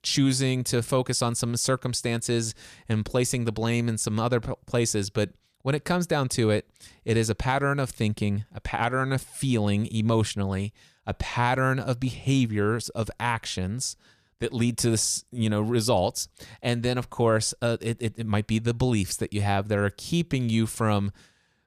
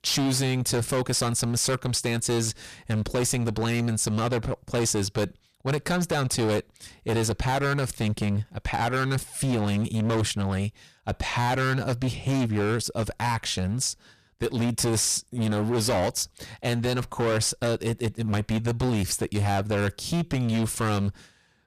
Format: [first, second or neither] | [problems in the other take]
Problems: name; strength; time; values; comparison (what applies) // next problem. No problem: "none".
first | distortion; heavy; 20% of the sound clipped